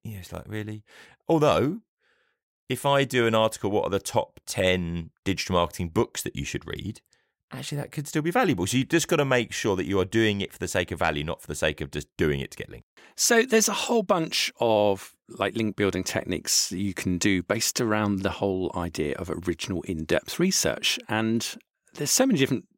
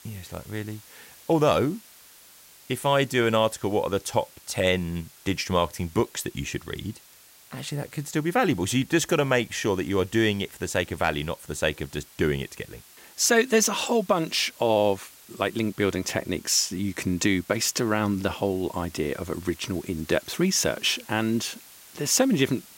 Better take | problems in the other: first | hiss; faint; throughout; 25 dB below the speech

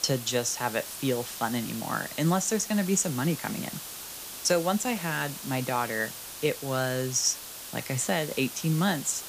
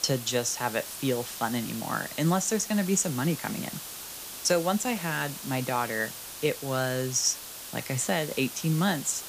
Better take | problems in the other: neither | hiss; loud; throughout; 9 dB below the speech; the same in both

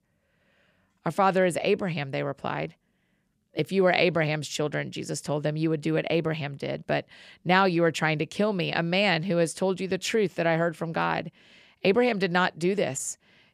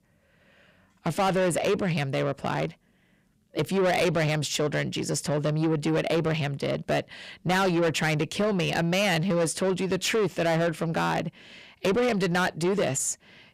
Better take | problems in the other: first | distortion; heavy; 7 dB below the speech

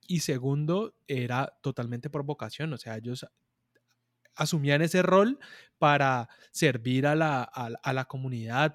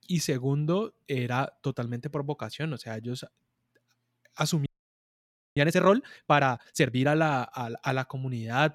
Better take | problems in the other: first | audio freezing; at 4.5 s for 1 s

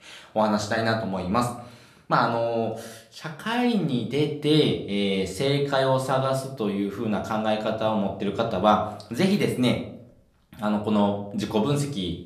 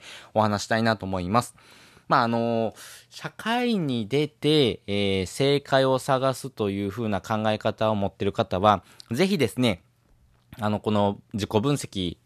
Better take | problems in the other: second | room echo; slight; dies away in 0.4 s // off-mic speech; somewhat distant

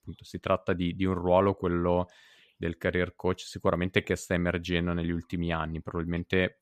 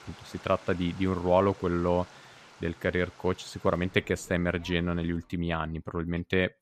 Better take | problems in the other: first | rain or running water; faint; until 5 s; 20 dB below the speech

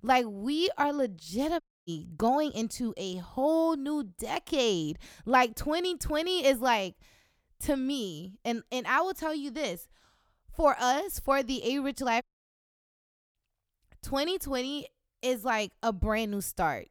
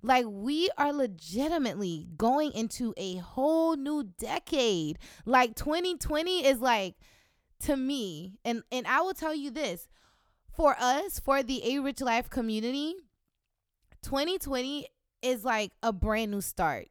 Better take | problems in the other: second | audio cutting out; at 1.5 s and at 12 s for 1 s

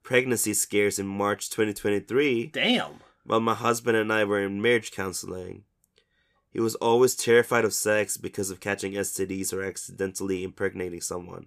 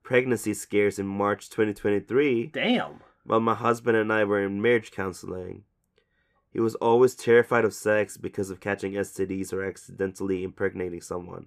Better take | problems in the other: first | muffled; slightly; fading above 3 kHz

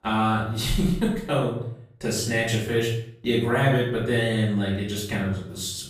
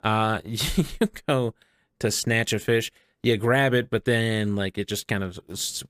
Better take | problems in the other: second | room echo; noticeable; dies away in 0.6 s // off-mic speech; far

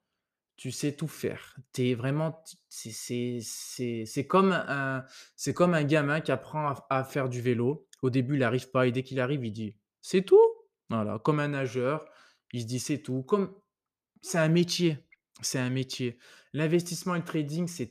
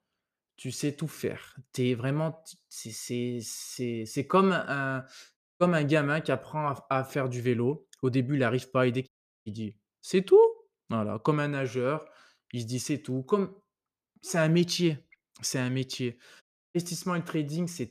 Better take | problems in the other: first | audio cutting out; at 5.5 s, at 9 s and at 16 s

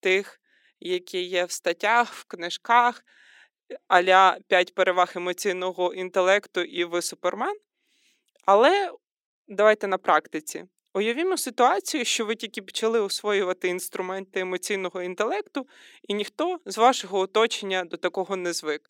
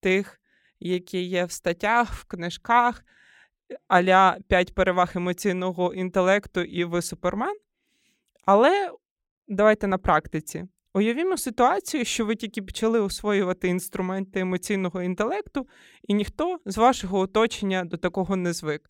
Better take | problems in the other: second | thin; somewhat; fading below 300 Hz

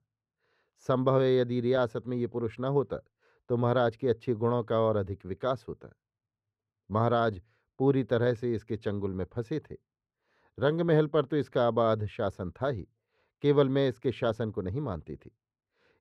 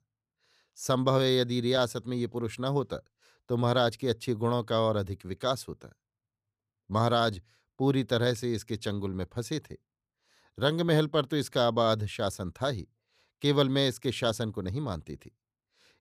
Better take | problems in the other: second | muffled; very; fading above 3.5 kHz

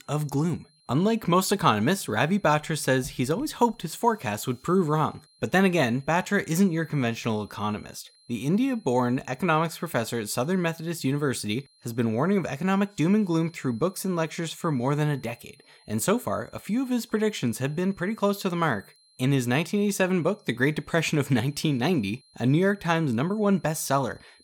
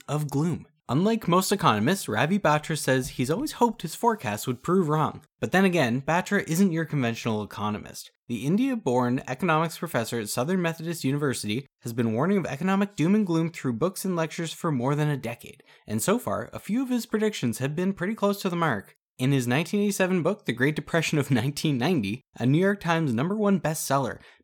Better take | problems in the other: second | high-pitched whine; faint; throughout; 4 kHz, 30 dB below the speech

